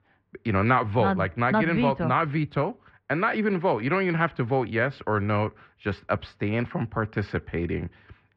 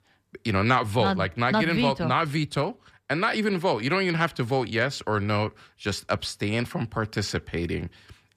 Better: second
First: muffled; very; fading above 2.5 kHz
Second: none

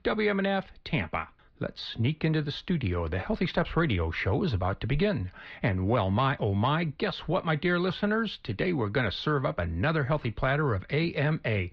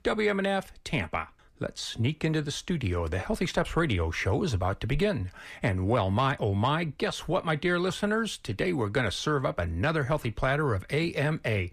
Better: second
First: muffled; very slightly; fading above 4 kHz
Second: none

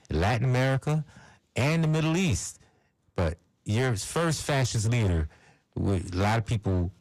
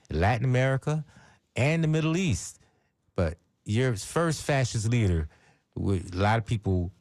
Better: second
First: distortion; slight; 17% of the sound clipped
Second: none

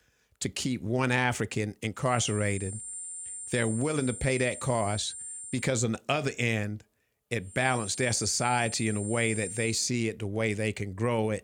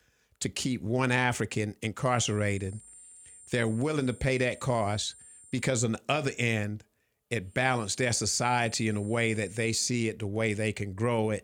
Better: second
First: high-pitched whine; loud; from 2 to 5.5 s and from 7.5 to 9.5 s; 9 kHz, 9 dB below the speech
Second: high-pitched whine; faint; from 2 to 5.5 s and from 7.5 to 9.5 s; 9 kHz, 20 dB below the speech

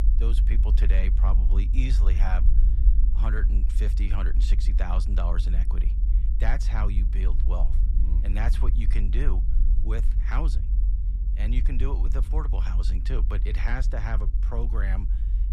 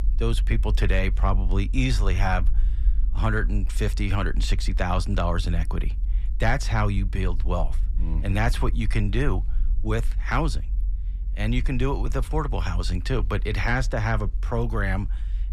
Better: second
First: low rumble; loud; throughout; 9 dB below the speech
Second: low rumble; faint; throughout; 20 dB below the speech

